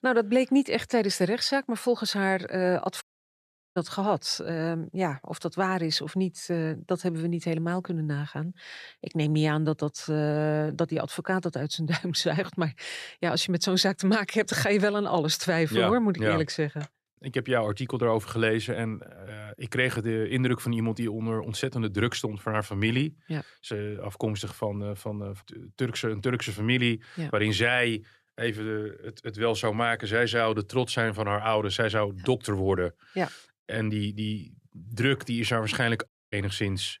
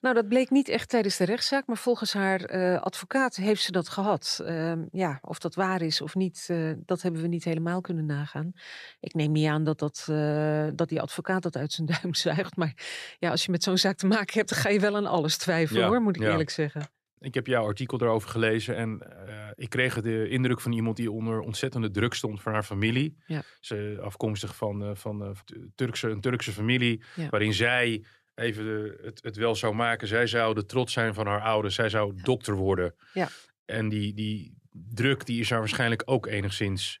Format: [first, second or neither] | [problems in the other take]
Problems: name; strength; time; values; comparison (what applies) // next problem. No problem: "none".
second | audio cutting out; at 3 s for 0.5 s and at 36 s